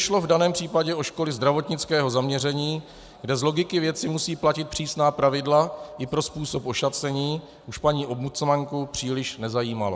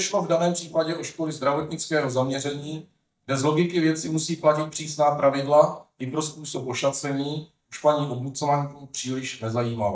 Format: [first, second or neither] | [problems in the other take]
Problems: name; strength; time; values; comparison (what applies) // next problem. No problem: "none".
first | noise reduction (neural mask model DeepFilterNet 3)